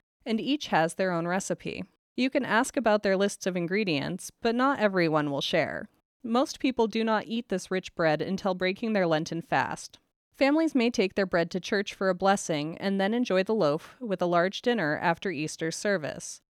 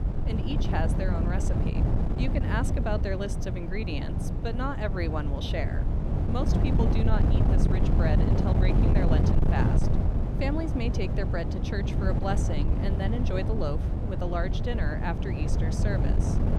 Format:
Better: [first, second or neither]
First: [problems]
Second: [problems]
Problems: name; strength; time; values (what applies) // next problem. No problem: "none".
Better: first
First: none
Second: wind noise on the microphone; heavy; 2 dB below the speech